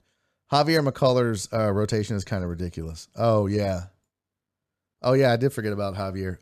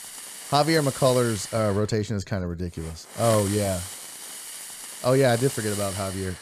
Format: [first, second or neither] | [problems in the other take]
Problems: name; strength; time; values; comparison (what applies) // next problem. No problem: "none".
first | hiss; loud; throughout; 9 dB below the speech